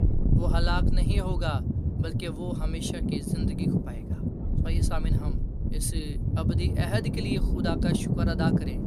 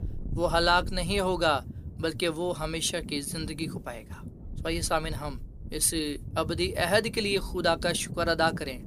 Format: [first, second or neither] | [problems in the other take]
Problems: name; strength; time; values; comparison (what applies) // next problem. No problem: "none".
second | wind noise on the microphone; heavy; 2 dB below the speech; occasional gusts in the second